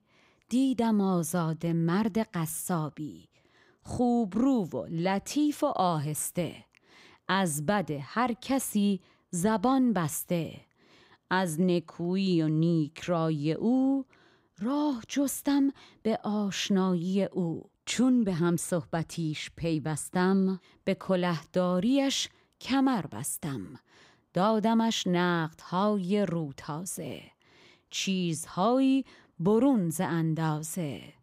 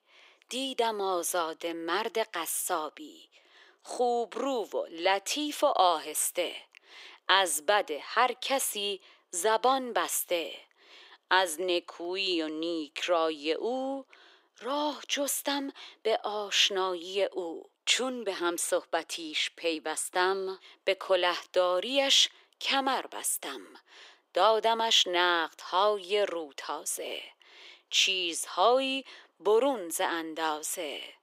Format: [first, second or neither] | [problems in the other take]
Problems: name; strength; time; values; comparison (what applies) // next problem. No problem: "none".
first | thin; very; fading below 400 Hz